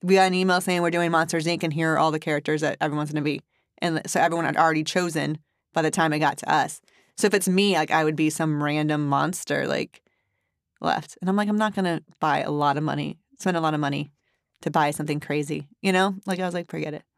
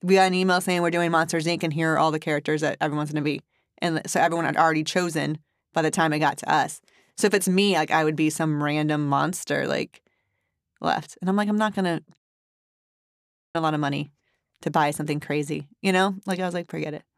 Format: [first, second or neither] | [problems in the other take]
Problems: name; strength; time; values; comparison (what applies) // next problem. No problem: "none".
first | audio cutting out; at 12 s for 1.5 s